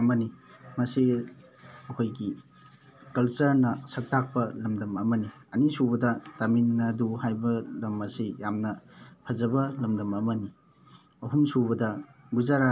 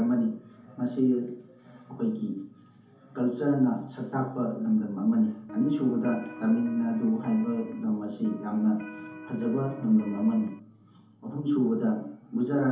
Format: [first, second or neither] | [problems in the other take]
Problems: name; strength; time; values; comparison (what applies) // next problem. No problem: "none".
first | background sound (Electric guitar); 15 dB below the speech // room echo; dies away in 0.6 s